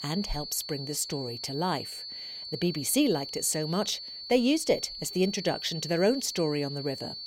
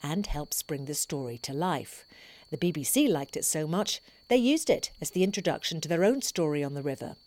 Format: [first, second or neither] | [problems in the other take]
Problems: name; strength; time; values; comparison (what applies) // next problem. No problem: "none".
second | high-pitched whine; loud; throughout; 4.5 kHz, 8 dB below the speech; faint in the second